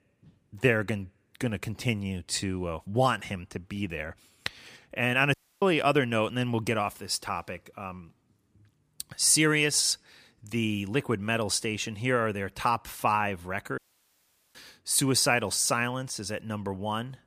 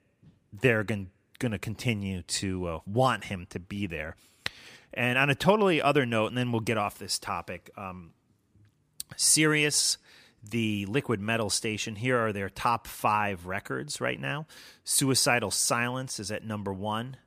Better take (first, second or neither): second